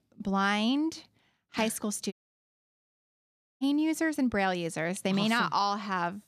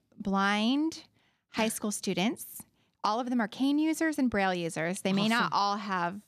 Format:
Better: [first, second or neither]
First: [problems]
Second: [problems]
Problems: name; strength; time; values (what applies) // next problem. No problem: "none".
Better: second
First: audio cutting out; at 2 s for 1.5 s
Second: none